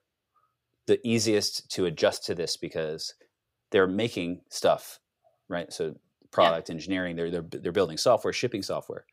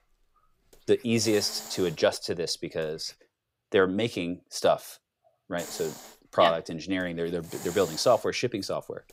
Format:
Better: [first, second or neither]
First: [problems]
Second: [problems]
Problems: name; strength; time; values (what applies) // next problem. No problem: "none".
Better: first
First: none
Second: hiss; noticeable; until 3 s and from 5.5 s on; 15 dB below the speech